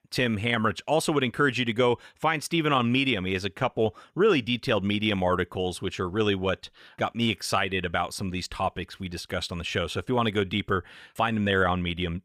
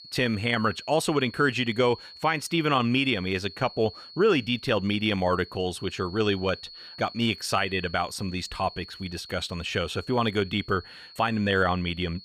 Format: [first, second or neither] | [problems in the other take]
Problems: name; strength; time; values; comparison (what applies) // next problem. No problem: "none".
first | high-pitched whine; noticeable; throughout; 4.5 kHz, 15 dB below the speech